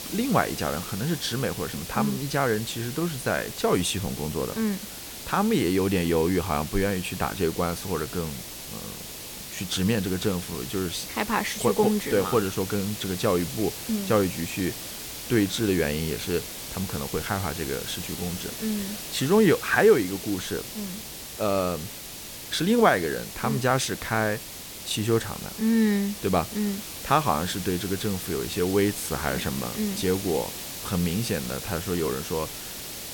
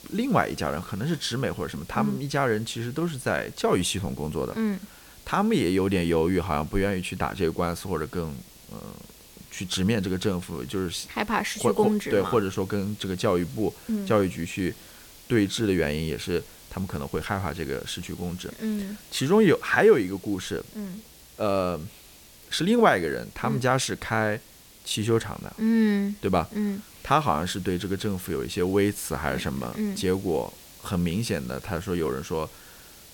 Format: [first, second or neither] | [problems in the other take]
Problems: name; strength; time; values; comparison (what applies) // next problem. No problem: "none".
second | hiss; loud; throughout; 9 dB below the speech; faint in the second